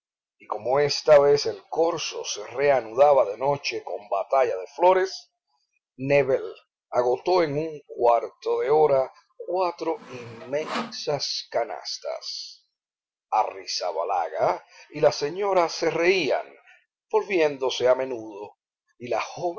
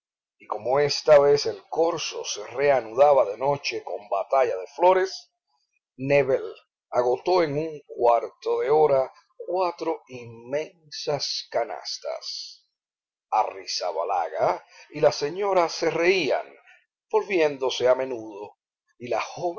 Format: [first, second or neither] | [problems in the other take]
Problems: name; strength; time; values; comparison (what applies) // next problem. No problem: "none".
second | background sound (Sawing); 13 dB below the speech